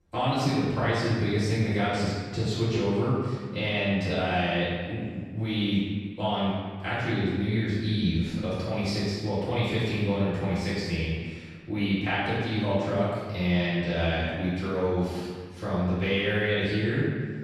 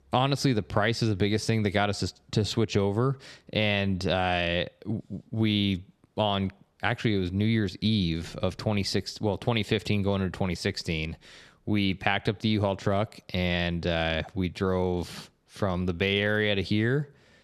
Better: second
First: off-mic speech; far // room echo; strong; dies away in 1.5 s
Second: none

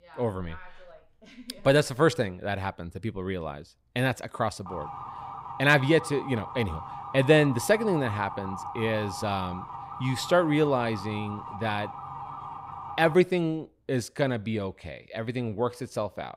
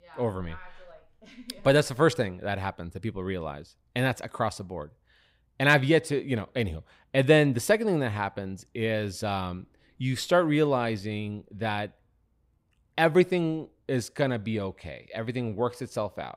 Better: second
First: siren; noticeable; from 4.5 to 13 s; peak 10 dB below the speech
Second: none

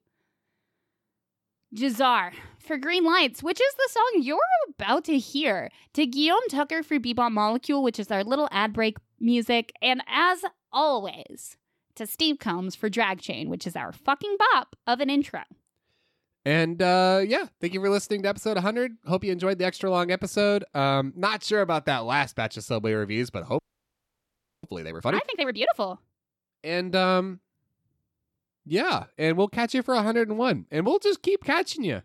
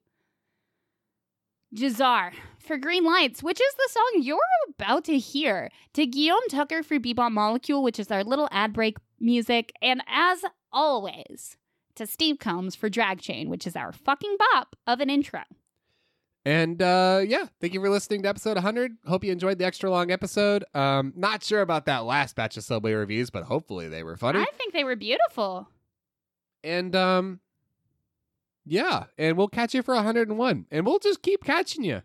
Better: second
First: audio freezing; at 24 s for 1 s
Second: none

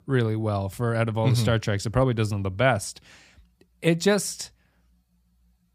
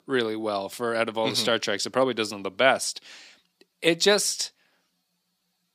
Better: first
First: none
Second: thin; somewhat; fading below 250 Hz

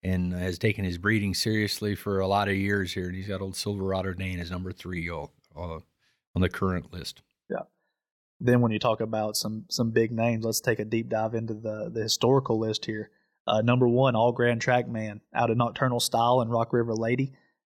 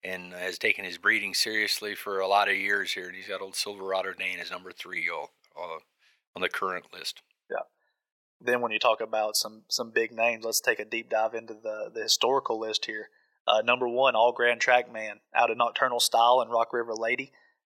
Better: first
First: none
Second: thin; very; fading below 650 Hz

